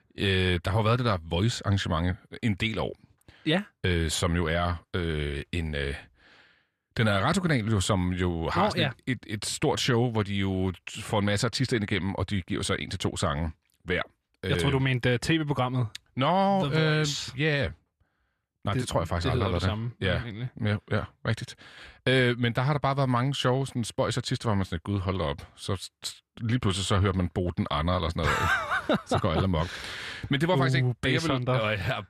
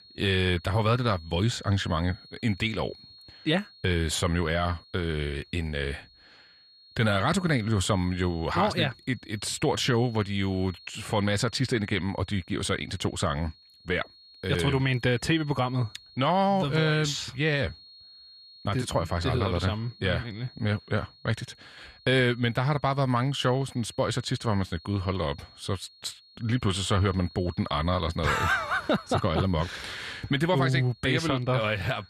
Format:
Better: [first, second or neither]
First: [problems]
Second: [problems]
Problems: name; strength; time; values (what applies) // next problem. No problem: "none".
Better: first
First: none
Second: high-pitched whine; faint; throughout; 4.5 kHz, 25 dB below the speech